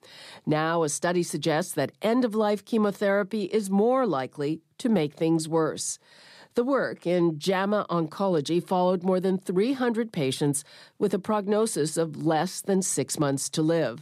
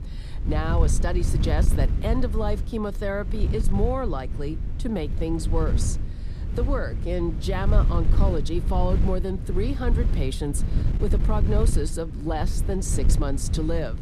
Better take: first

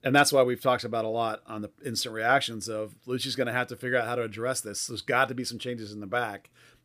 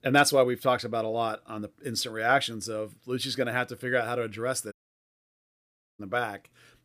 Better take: first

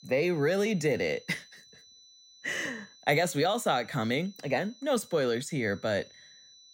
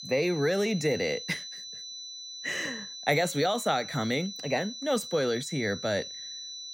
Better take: first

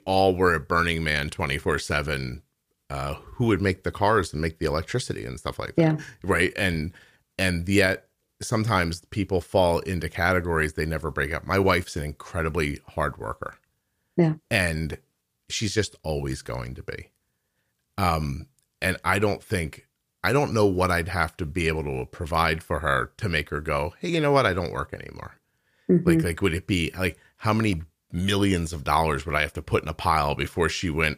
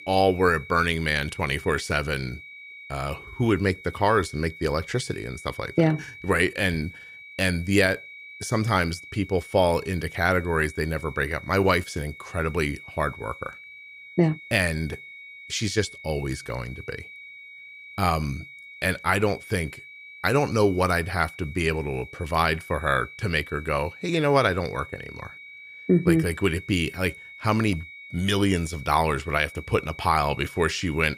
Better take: first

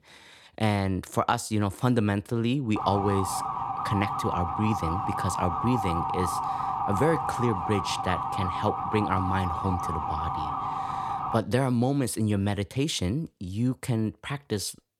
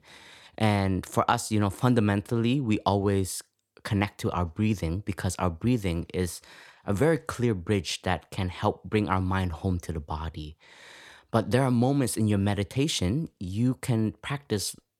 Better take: second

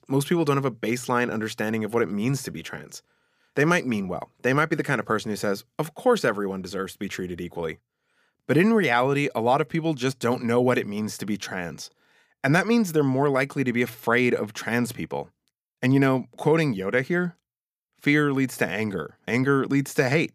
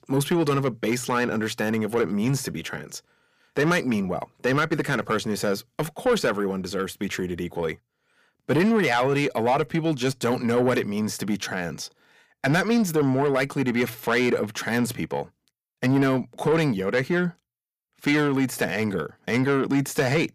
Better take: first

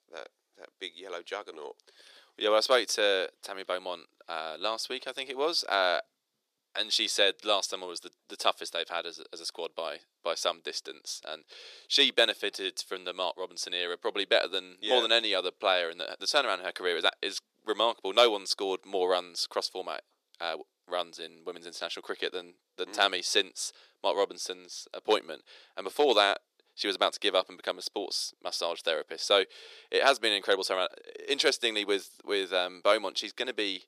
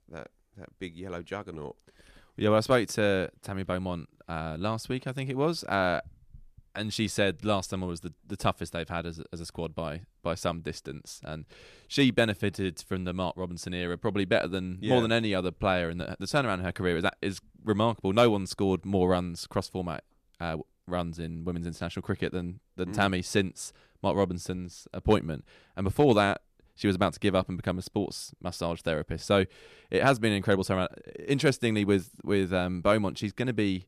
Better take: second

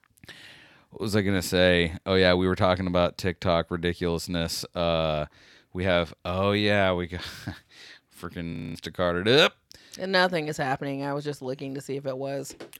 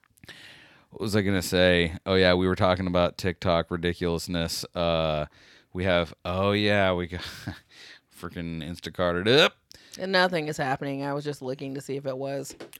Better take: second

